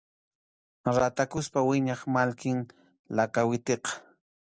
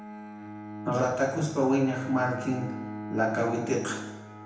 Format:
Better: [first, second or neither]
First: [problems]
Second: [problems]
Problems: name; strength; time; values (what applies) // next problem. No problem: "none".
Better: first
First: none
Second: background sound (Bowed string instrument); 10 dB below the speech // room echo; dies away in 0.9 s